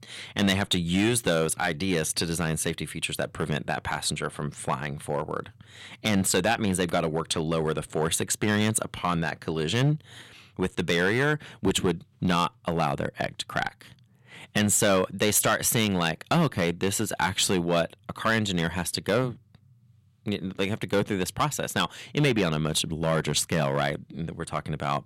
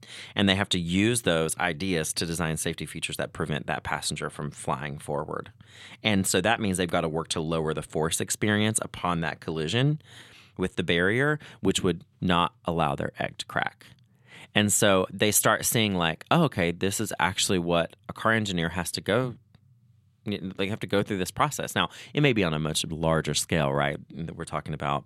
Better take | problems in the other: second | distortion; slight; 3% of the sound clipped

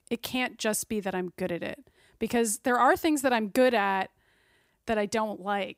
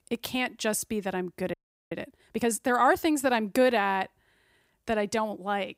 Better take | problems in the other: first | audio freezing; at 1.5 s

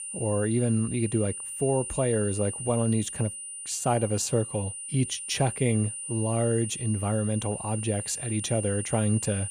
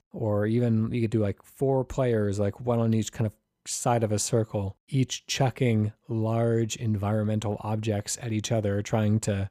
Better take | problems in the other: second | high-pitched whine; loud; throughout; 9 kHz, 6 dB below the speech

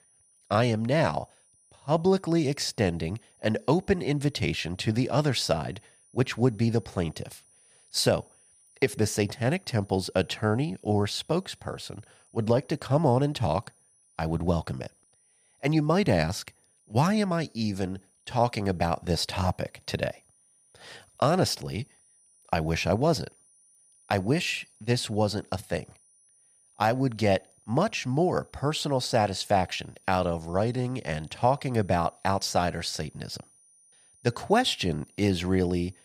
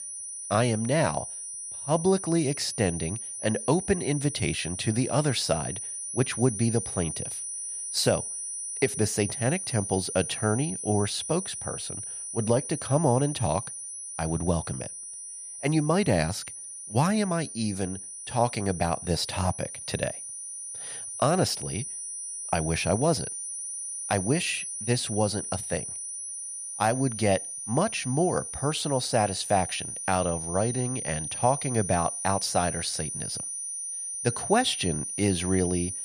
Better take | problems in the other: first | high-pitched whine; loud; throughout; 9.5 kHz, 5 dB below the speech; faint in the first

